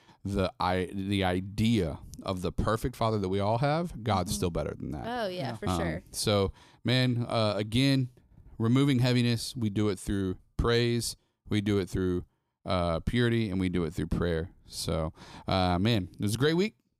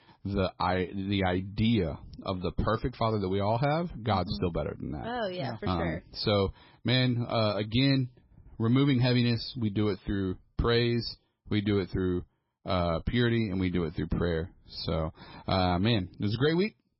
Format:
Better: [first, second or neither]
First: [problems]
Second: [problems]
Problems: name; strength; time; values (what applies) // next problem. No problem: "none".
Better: first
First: none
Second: garbled, watery; badly; nothing above 5.5 kHz